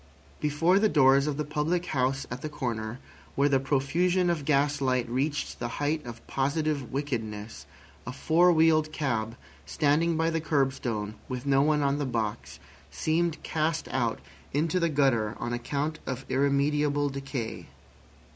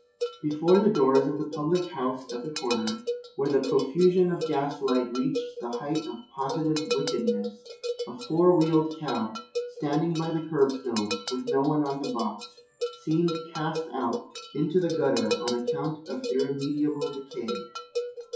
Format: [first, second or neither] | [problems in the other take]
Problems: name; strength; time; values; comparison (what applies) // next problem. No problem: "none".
first | noise reduction (classical method WPE with log-MMSE)